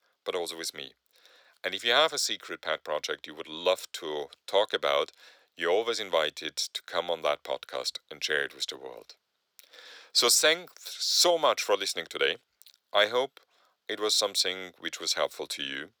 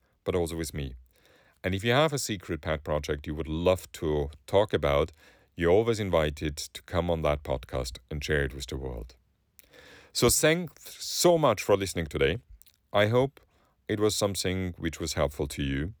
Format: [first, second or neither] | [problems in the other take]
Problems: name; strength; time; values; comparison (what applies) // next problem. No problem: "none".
second | thin; very; fading below 600 Hz